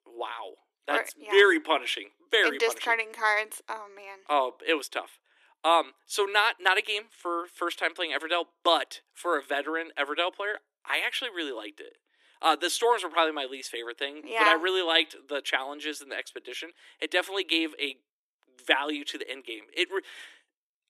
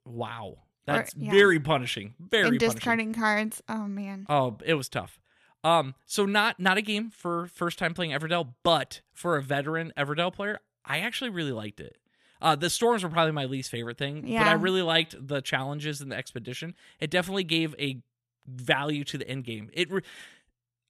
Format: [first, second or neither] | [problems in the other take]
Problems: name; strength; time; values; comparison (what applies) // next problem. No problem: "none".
second | thin; very; fading below 300 Hz